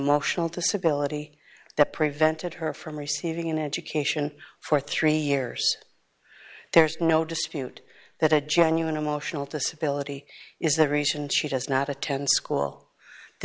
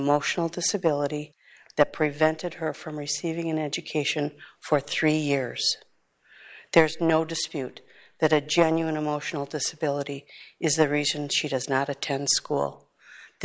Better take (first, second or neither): first